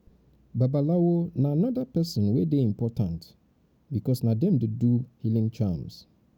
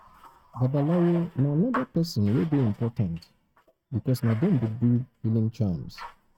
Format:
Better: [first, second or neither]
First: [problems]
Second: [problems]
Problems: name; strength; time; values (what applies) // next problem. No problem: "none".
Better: first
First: none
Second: noise reduction (neural mask model RNNoise)